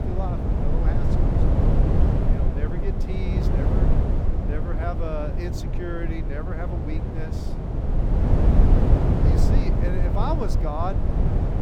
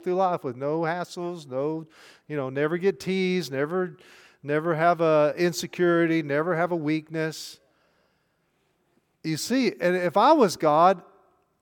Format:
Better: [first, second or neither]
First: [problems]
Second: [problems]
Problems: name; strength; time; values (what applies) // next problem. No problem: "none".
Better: second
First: wind noise on the microphone; heavy; 2 dB above the speech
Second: none